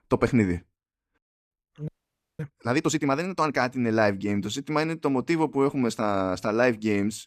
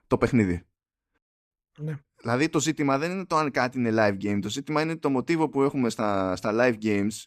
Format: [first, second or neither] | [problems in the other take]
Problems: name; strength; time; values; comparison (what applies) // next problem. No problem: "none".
second | audio freezing; at 2 s for 0.5 s